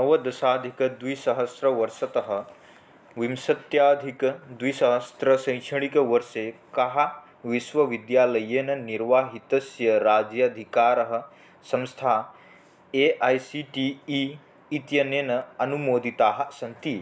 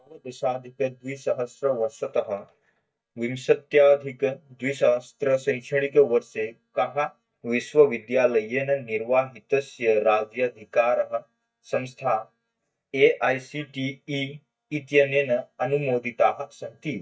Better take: first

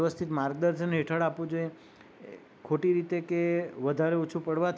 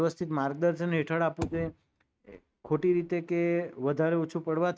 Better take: first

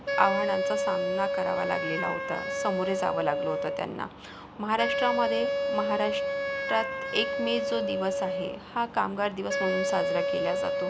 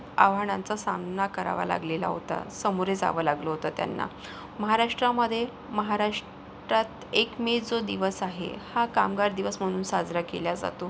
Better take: second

